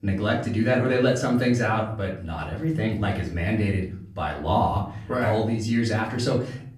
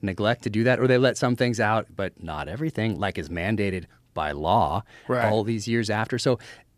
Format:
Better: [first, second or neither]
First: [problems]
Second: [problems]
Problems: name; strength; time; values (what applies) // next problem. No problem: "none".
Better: second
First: off-mic speech; far // room echo; slight; dies away in 0.6 s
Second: none